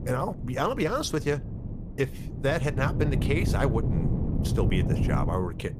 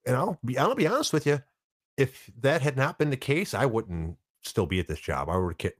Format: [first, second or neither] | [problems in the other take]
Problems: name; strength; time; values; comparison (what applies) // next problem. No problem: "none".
second | wind noise on the microphone; heavy; 9 dB below the speech